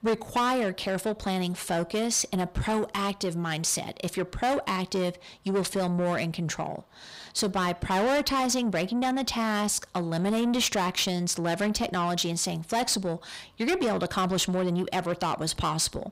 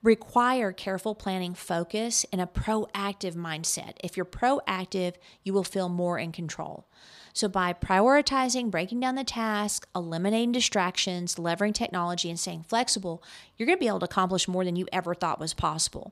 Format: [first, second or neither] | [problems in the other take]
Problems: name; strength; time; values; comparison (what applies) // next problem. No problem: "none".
second | distortion; heavy; 7 dB below the speech